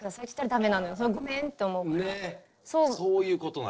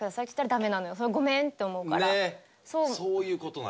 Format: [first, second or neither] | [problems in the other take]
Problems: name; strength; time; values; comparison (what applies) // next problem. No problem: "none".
second | noise reduction (neural separator model SepFormer DNS4)